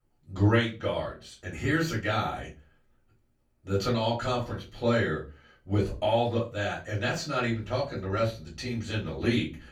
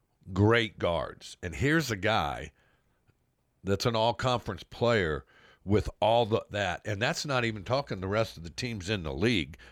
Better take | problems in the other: second | room echo; very slight; dies away in 0.3 s // off-mic speech; far

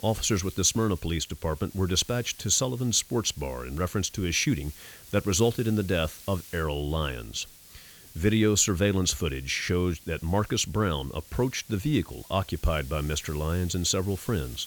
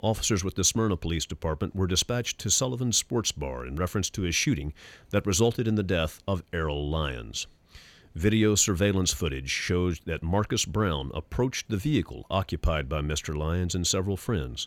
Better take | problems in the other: second | hiss; noticeable; throughout; 20 dB below the speech

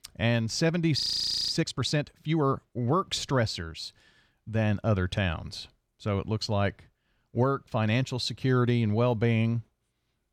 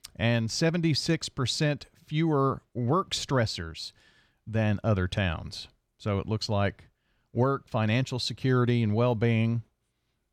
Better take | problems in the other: second | audio freezing; at 1 s for 0.5 s

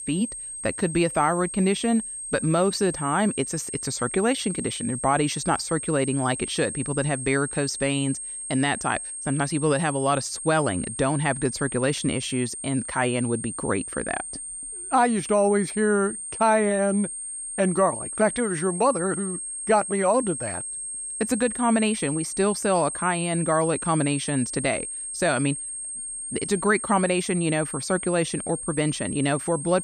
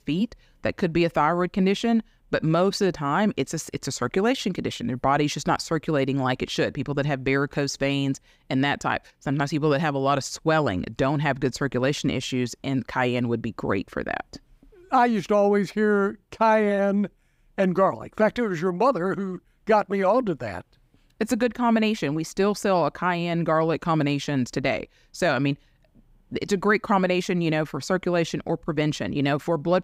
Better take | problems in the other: second | high-pitched whine; loud; throughout; 8.5 kHz, 6 dB below the speech

